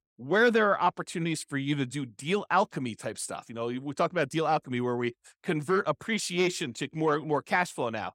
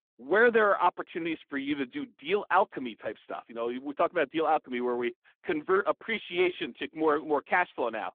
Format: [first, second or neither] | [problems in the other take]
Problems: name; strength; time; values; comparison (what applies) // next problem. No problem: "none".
first | phone-call audio